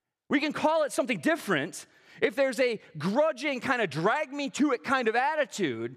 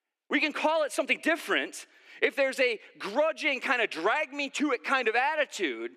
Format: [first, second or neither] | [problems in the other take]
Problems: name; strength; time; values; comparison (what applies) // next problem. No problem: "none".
first | thin; very slightly; fading below 250 Hz